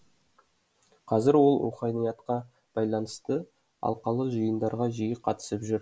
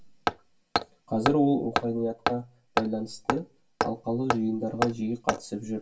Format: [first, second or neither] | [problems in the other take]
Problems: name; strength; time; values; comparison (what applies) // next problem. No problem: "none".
first | background sound (Hammer); 3 dB below the speech // room echo; dies away in 0.2 s